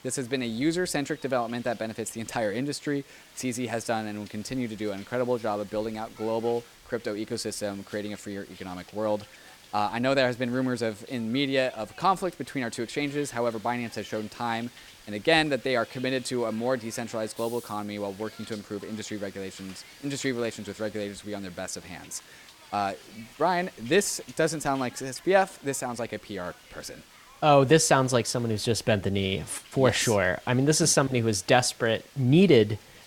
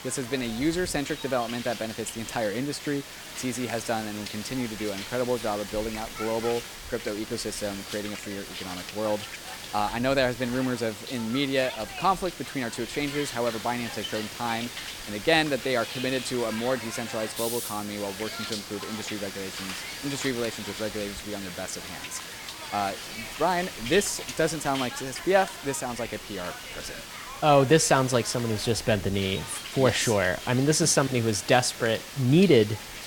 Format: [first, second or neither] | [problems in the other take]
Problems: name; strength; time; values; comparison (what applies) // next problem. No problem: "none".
first | hiss; loud; throughout; 9 dB below the speech; faint in the first